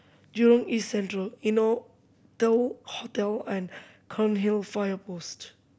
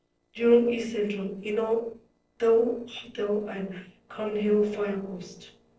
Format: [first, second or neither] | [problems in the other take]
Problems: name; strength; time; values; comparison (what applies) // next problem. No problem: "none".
first | noise reduction (neural separator model SepFormer DNS4)